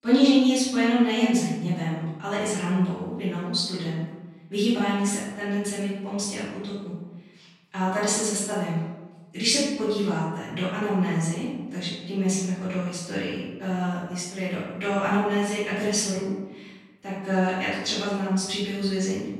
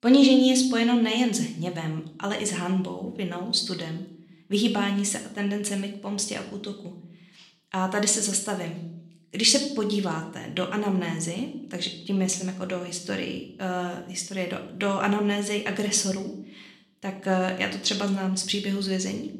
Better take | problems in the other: second | room echo; strong; dies away in 1.1 s; slight in the second // off-mic speech; far

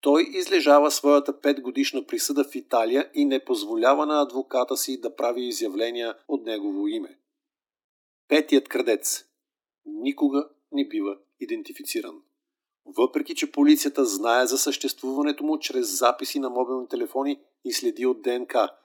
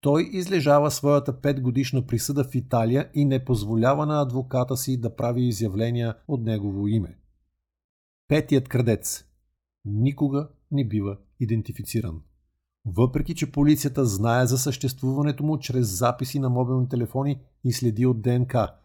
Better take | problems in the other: second | thin; very slightly; fading below 300 Hz

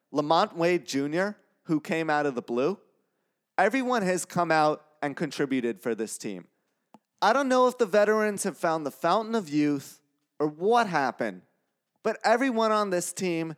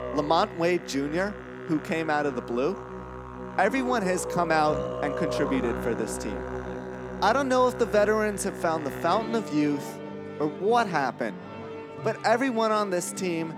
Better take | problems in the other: first | background music; loud; throughout; 9 dB below the speech

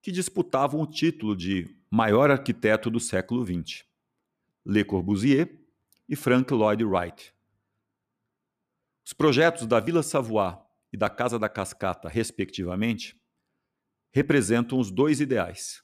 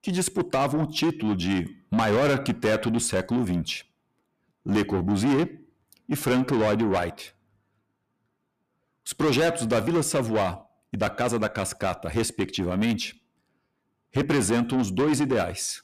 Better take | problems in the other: first | distortion; heavy; 7 dB below the speech

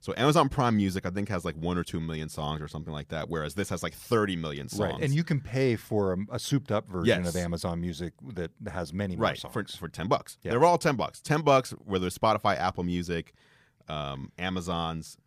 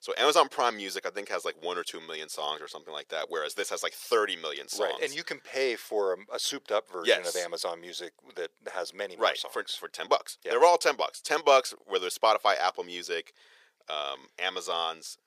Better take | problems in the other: first | thin; very; fading below 450 Hz

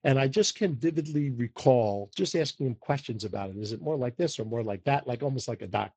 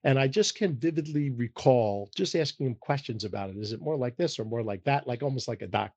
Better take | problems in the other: second | garbled, watery; badly; slightly in the second

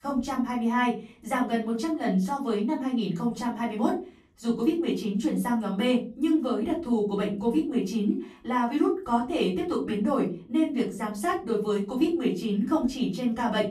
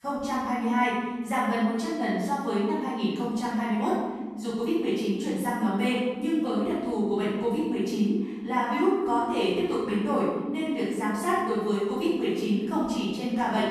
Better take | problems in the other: first | room echo; strong; dies away in 1.2 s; slight in the first // off-mic speech; far; far in the first

